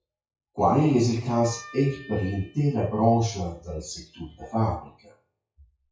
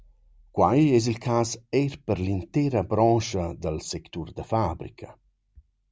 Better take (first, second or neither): second